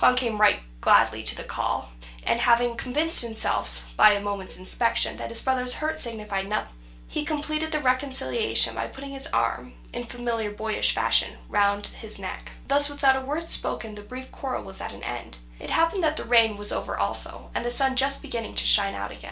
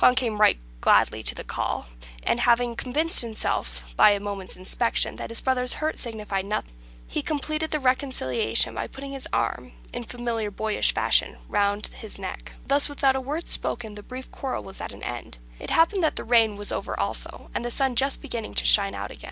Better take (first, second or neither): second